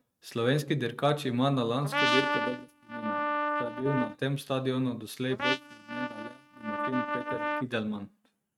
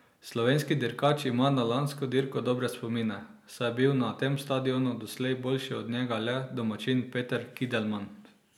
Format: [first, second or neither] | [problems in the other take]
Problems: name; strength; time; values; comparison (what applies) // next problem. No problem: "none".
second | noise reduction (neural mask model RNNoise)